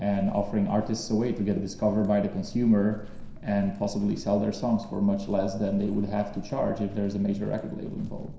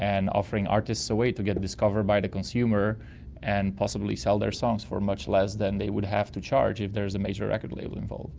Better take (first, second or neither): second